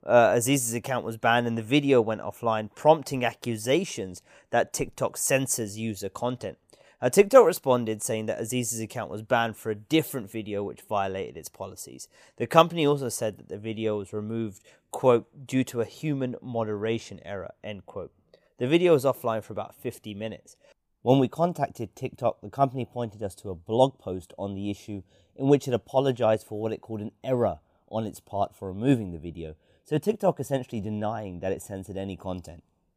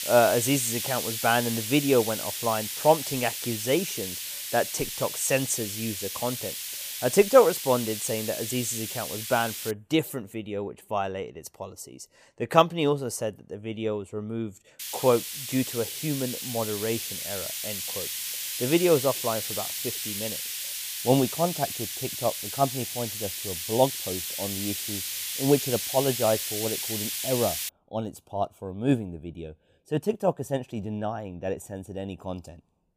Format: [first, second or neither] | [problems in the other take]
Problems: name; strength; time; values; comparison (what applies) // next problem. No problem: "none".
first | hiss; loud; until 9.5 s and from 15 to 28 s; 3 dB below the speech